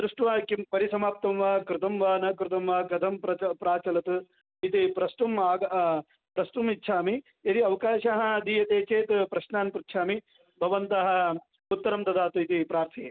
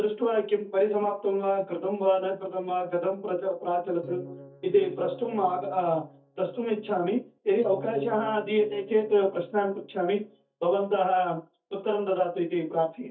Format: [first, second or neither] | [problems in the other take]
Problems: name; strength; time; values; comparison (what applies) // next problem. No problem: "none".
first | noise reduction (neural mask model DeepFilterNet 3)